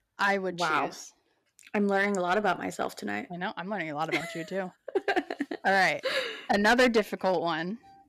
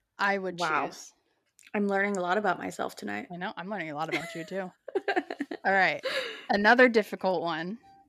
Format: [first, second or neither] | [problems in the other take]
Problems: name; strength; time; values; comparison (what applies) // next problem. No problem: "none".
second | distortion; slight; 2% of the sound clipped